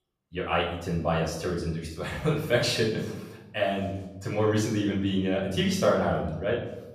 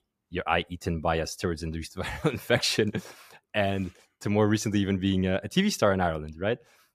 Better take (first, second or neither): second